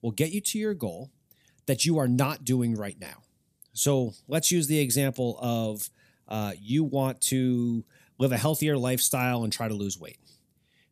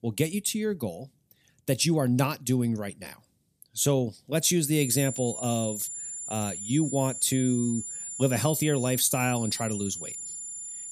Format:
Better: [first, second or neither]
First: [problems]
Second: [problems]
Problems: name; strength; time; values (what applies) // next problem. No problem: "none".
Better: first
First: none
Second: high-pitched whine; loud; from 5 s on; 7 kHz, 7 dB below the speech